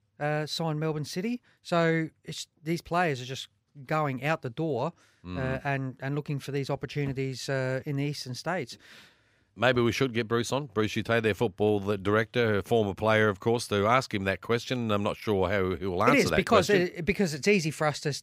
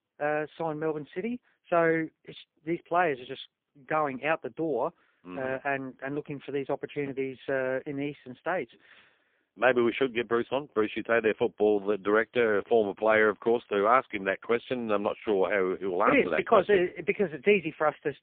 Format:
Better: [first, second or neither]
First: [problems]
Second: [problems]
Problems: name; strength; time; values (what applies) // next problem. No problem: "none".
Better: first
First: none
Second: phone-call audio; poor line